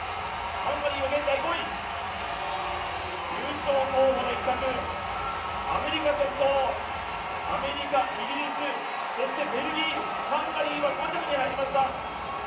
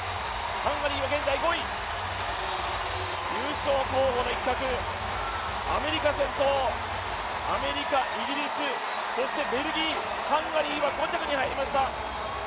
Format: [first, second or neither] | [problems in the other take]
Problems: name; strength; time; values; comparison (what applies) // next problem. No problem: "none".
second | background sound (Wind instrument, woodwind instrument); 16 dB below the speech // room echo; dies away in 0.6 s